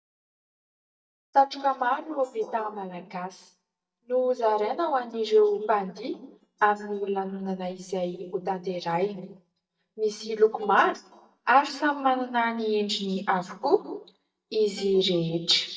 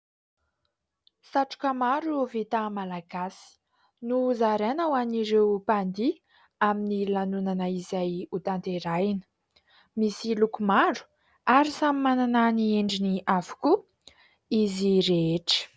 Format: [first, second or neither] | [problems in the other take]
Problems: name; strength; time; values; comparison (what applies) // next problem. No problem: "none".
second | noise reduction (neural mask model DeepFilterNet 3)